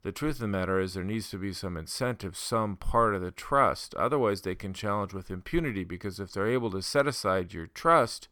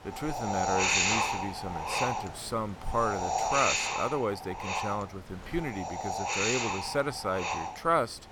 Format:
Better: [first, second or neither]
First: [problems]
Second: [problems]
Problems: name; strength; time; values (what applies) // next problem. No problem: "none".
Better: first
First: none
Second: wind noise on the microphone; heavy; 2 dB above the speech